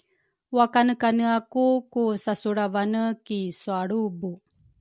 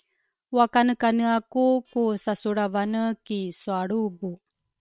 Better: first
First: none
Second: noise reduction (neural separator model SepFormer WHAM!)

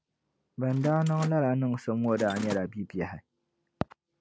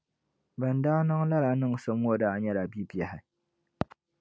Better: second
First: background sound (Mechanisms); 15 dB below the speech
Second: none

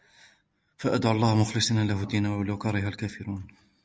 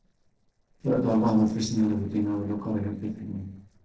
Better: first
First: none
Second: noise reduction (neural separator model SepFormer DNS4)

